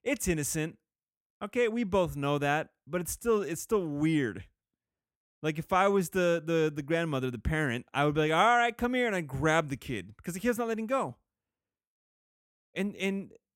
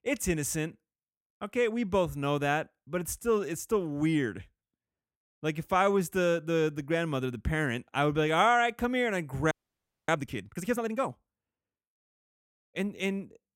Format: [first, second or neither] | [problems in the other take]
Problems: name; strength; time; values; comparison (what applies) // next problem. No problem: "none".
first | audio freezing; at 9.5 s for 0.5 s